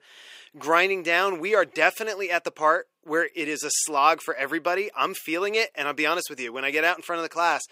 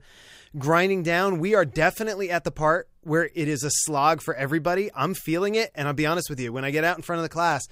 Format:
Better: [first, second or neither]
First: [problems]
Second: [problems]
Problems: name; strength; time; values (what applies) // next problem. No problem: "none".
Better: second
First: thin; somewhat; fading below 350 Hz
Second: none